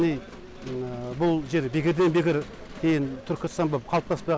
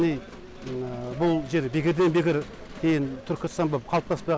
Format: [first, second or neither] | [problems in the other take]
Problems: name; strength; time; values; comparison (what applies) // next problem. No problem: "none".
first | background sound (Brass instrument); 17 dB below the speech